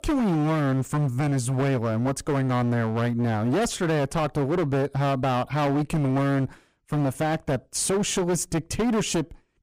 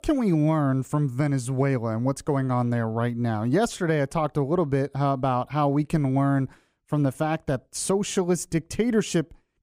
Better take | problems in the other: second | distortion; heavy; 26% of the sound clipped

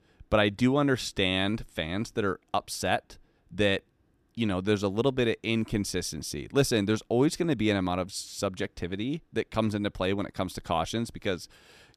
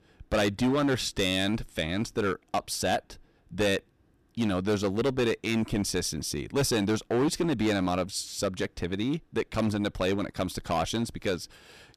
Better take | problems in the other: first | distortion; heavy; 9% of the sound clipped

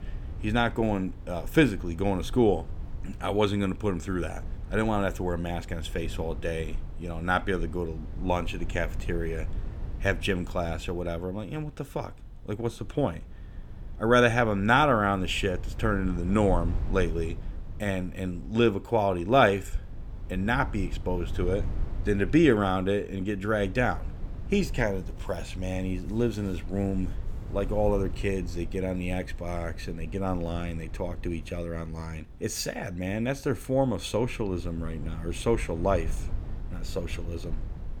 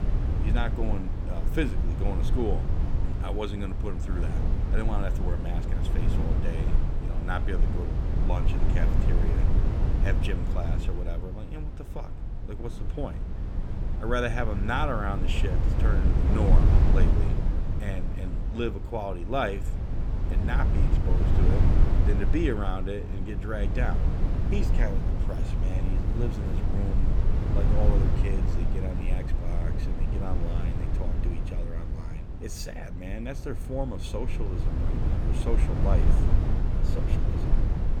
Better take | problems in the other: first | low rumble; loud; throughout; 4 dB below the speech; faint in the first

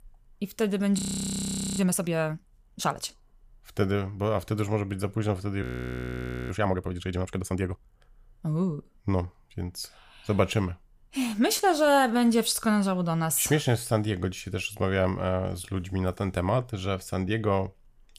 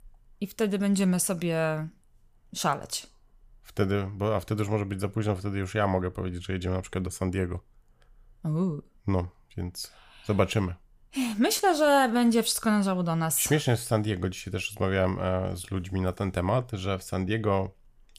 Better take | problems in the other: second | audio freezing; at 1 s for 1 s and at 5.5 s for 1 s

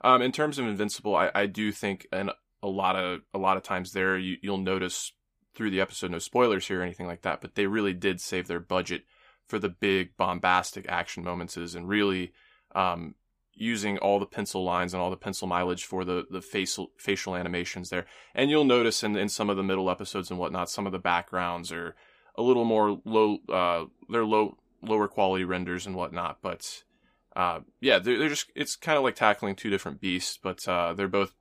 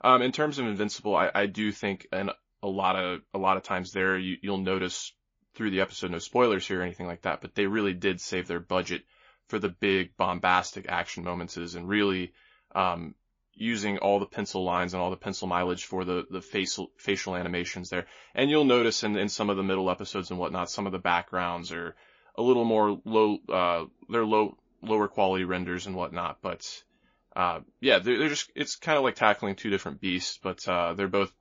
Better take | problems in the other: first | garbled, watery; slightly

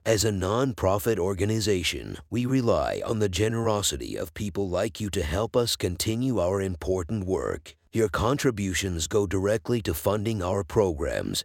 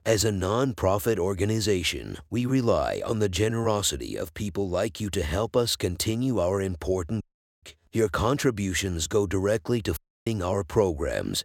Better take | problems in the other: first | audio cutting out; at 7 s and at 10 s

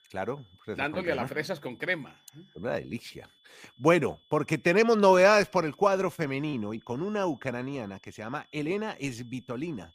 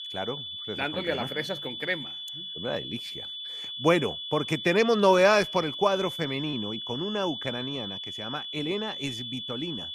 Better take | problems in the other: first | high-pitched whine; loud; throughout; 3.5 kHz, 7 dB below the speech; faint in the first

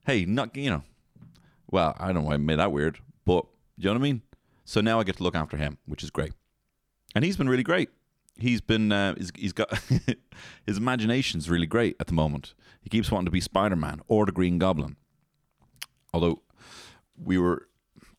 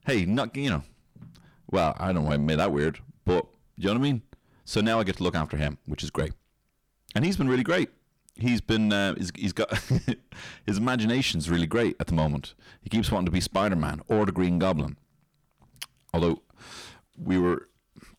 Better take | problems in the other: first | distortion; slight; 10 dB below the speech

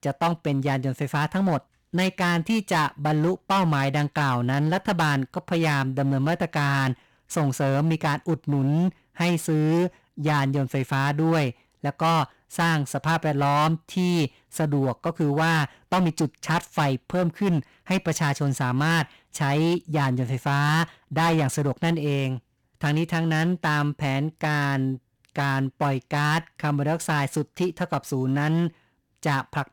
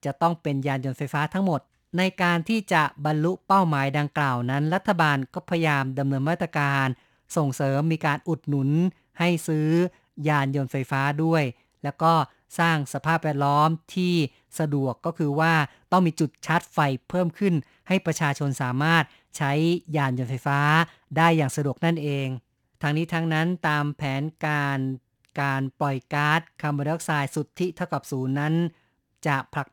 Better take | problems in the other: second | distortion; slight; 13% of the sound clipped

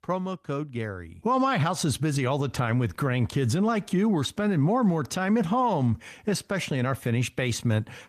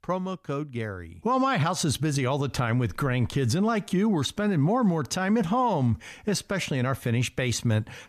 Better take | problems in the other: second | garbled, watery; slightly; nothing above 14.5 kHz

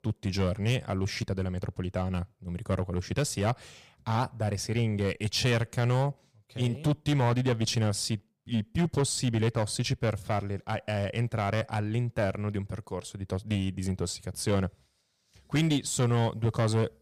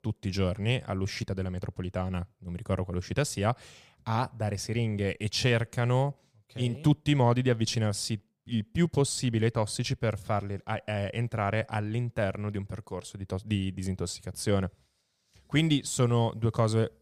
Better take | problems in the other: second | distortion; slight; 5% of the sound clipped

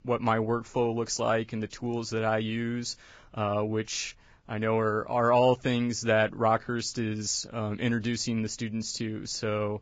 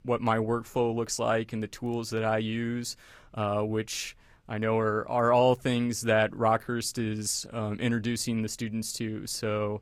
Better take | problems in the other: second | garbled, watery; badly; nothing above 7.5 kHz; slightly in the second

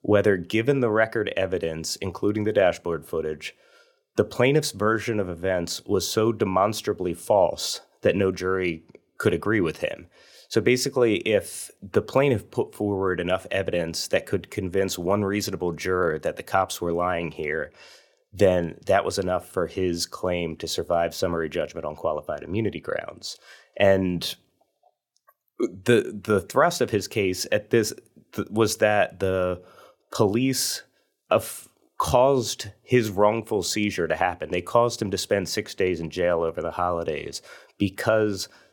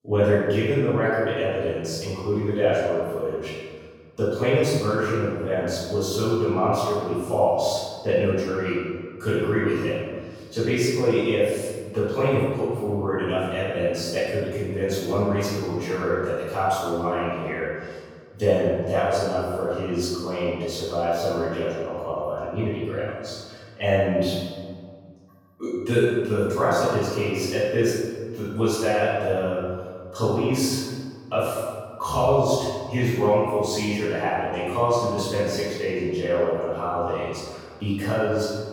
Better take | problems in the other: first | off-mic speech; far // room echo; strong; dies away in 1.7 s

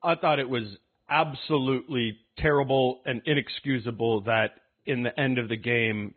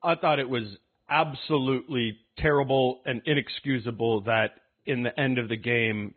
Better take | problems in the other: neither | garbled, watery; badly; nothing above 4 kHz; the same in both

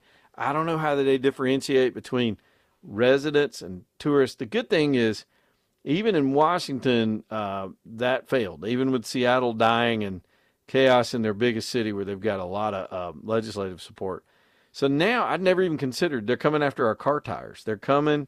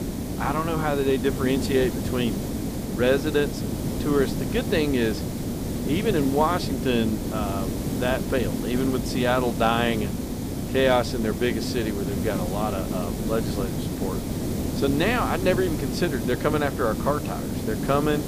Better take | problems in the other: first | hiss; loud; throughout; 3 dB below the speech

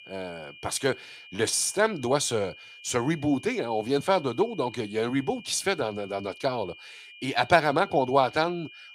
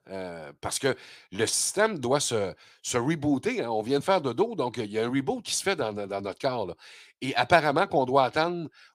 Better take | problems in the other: second | high-pitched whine; noticeable; throughout; 2.5 kHz, 20 dB below the speech

